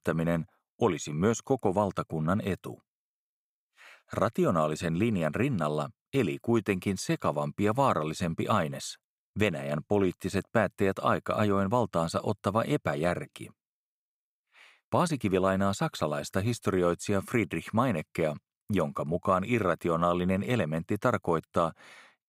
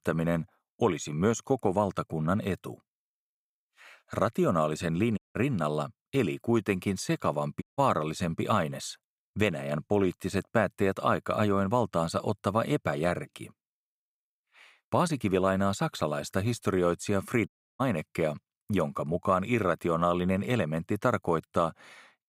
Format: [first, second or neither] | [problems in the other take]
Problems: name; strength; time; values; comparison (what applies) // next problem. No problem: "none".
first | audio cutting out; at 5 s, at 7.5 s and at 17 s